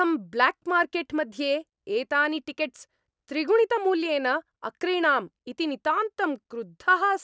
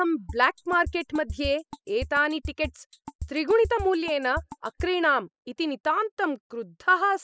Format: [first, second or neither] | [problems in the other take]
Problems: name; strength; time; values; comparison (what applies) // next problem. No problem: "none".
first | noise reduction (classical method spectral subtraction)